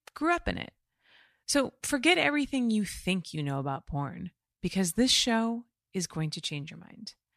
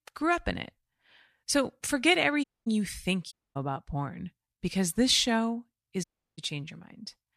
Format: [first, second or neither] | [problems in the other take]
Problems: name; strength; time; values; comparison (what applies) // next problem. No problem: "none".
first | audio cutting out; at 2.5 s, at 3.5 s and at 6 s